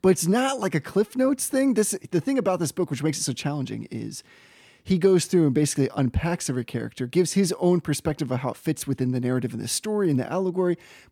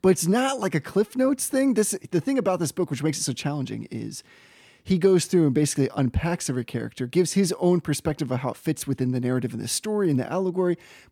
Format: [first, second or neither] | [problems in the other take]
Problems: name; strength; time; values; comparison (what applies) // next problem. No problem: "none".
neither | none